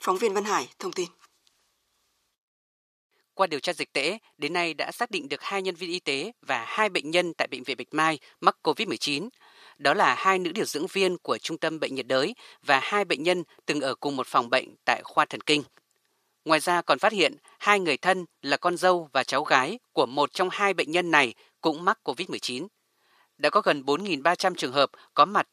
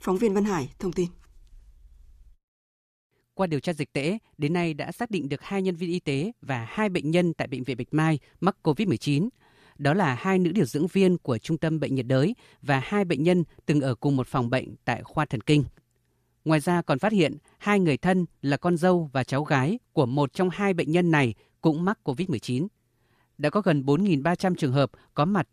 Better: second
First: thin; very; fading below 500 Hz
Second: none

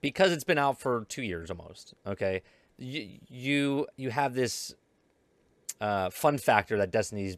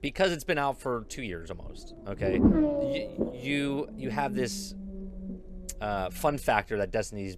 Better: first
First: none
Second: low rumble; loud; throughout; 2 dB below the speech

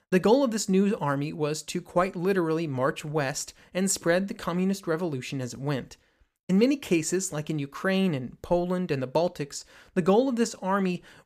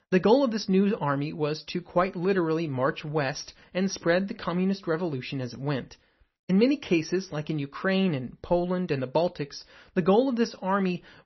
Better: first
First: none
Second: garbled, watery; slightly; nothing above 6 kHz

